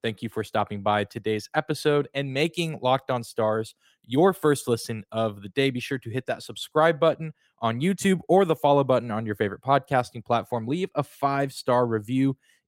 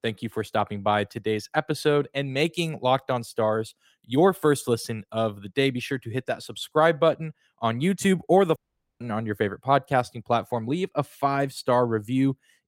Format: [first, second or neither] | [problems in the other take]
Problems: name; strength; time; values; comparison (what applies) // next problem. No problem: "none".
first | audio cutting out; at 8.5 s